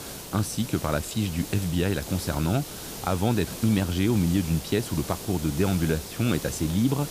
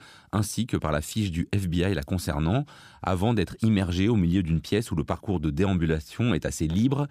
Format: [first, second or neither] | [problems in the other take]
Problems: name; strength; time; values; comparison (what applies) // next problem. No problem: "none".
second | hiss; loud; throughout; 10 dB below the speech